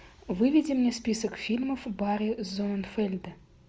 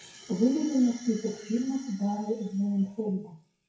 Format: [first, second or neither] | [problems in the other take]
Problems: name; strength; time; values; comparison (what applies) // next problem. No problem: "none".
first | noise reduction (classical method WPE with log-MMSE)